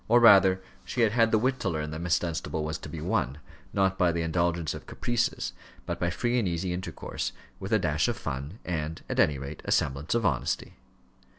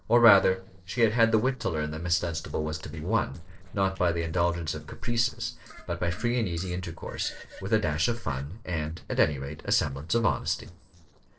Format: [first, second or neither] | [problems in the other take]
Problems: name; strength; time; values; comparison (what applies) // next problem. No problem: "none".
first | noise reduction (neural separator model SepFormer DNS4)